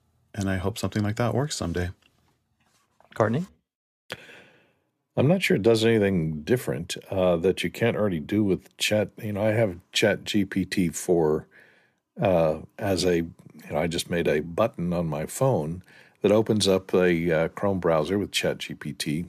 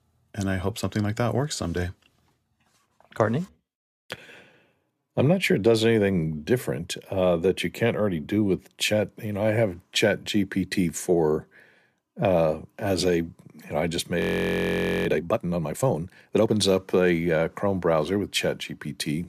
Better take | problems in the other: first | audio freezing; at 14 s for 1 s

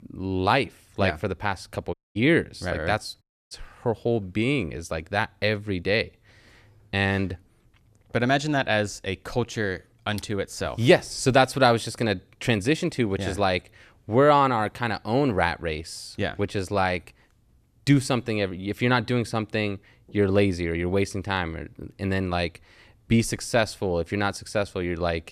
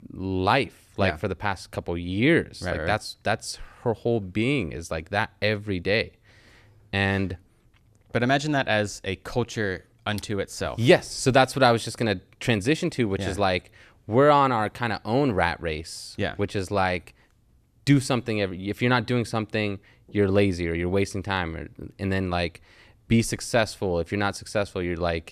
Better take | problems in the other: second | audio cutting out; at 2 s and at 3 s

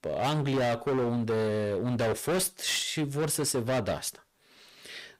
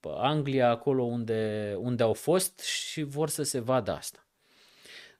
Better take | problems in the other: second | distortion; heavy; 20% of the sound clipped

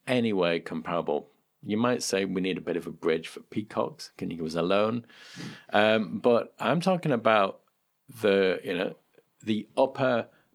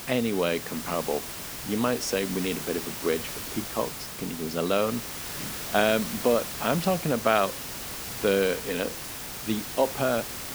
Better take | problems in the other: first | hiss; loud; throughout; 6 dB below the speech

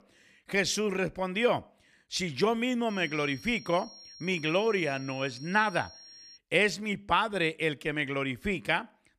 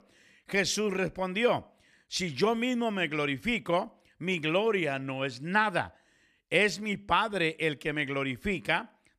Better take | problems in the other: second | high-pitched whine; noticeable; from 3 to 6.5 s; 5.5 kHz, 20 dB below the speech

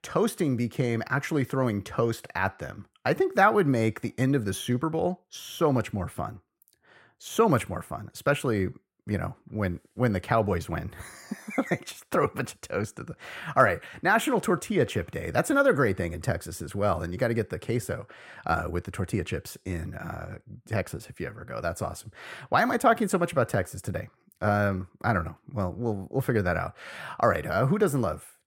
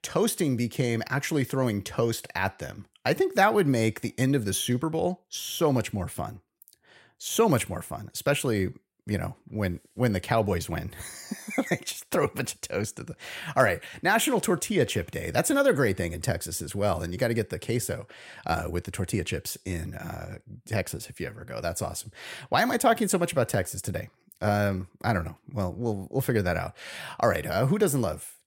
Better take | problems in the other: second | muffled; slightly; fading above 2.5 kHz

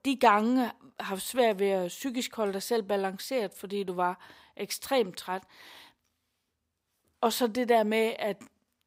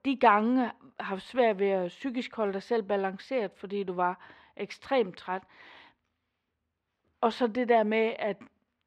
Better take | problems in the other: first | muffled; slightly; fading above 2.5 kHz

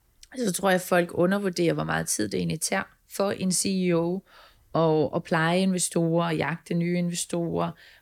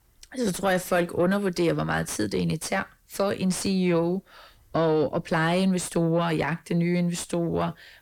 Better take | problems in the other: first | distortion; slight; 10 dB below the speech

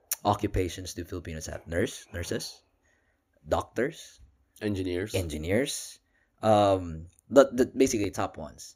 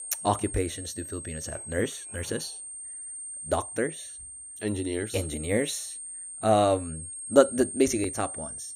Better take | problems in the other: first | high-pitched whine; loud; throughout; 8.5 kHz, 9 dB below the speech

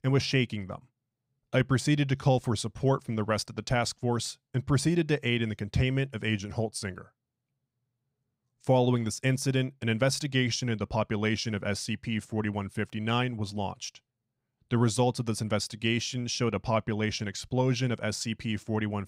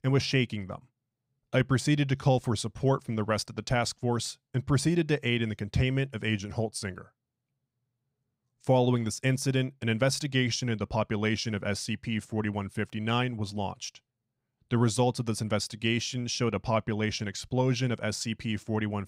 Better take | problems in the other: neither | none

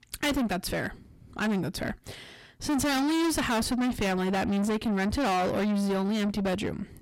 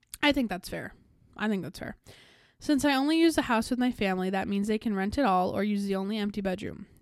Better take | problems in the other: second | distortion; heavy; 6 dB below the speech

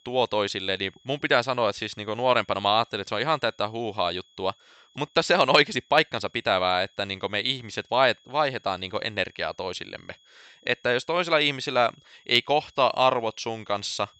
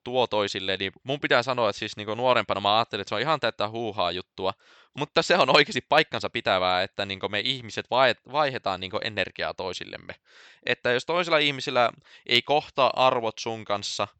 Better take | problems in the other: second | high-pitched whine; faint; throughout; 3.5 kHz, 35 dB below the speech

